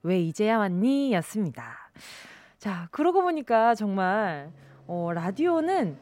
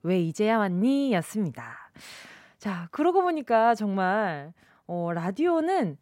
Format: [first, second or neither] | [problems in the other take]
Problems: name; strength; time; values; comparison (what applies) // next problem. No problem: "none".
second | train or aircraft noise; faint; throughout; 30 dB below the speech